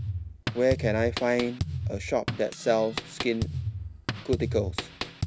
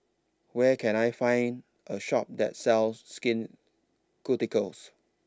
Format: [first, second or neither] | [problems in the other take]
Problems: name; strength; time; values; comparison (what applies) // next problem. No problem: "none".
second | background sound (Drum kit); 4 dB below the speech